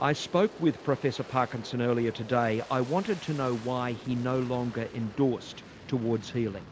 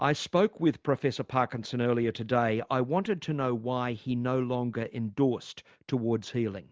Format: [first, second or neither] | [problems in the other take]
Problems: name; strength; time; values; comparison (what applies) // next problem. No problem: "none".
second | background sound (Aircraft); 17 dB below the speech